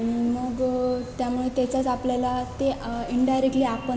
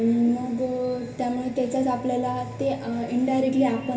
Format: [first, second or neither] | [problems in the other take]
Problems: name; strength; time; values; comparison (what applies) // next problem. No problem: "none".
first | room echo; dies away in 0.3 s